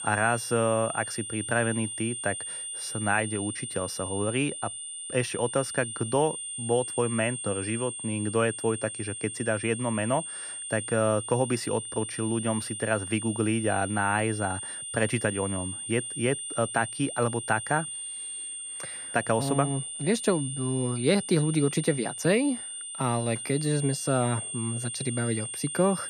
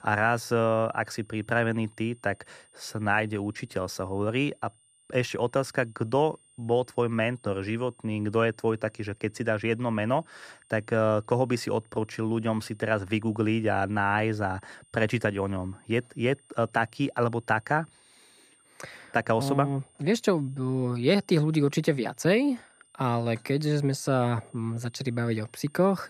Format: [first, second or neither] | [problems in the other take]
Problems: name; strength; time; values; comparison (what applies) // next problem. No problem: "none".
second | high-pitched whine; loud; throughout; 8.5 kHz, 6 dB below the speech; faint in the second